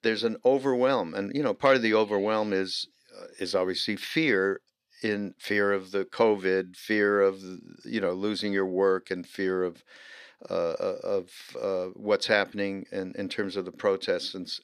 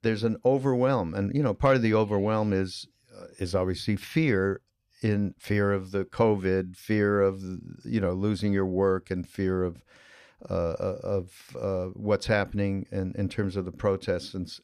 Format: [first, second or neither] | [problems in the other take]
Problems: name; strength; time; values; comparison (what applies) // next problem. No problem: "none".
second | thin; very slightly; fading below 300 Hz